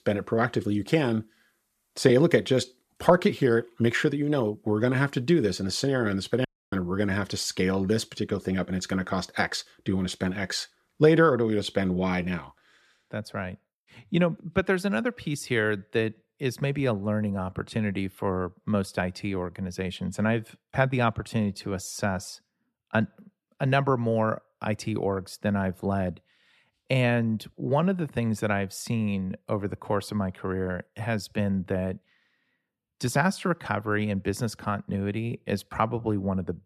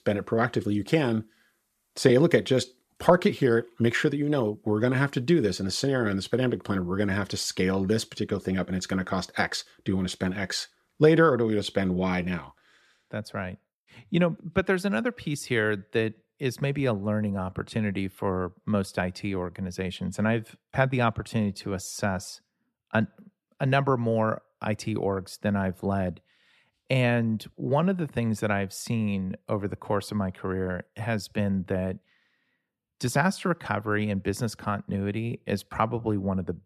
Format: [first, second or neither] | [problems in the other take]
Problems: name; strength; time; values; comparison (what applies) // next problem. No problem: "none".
second | audio cutting out; at 6.5 s